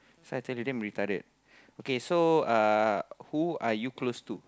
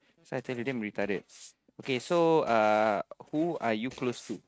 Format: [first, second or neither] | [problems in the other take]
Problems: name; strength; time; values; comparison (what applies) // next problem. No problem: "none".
first | noise reduction (neural mask model RNNoise)